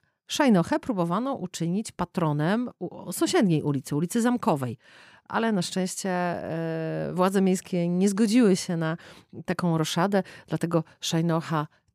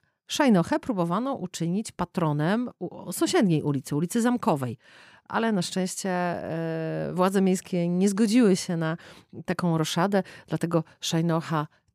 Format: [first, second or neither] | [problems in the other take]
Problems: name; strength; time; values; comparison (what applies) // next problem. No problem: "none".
neither | none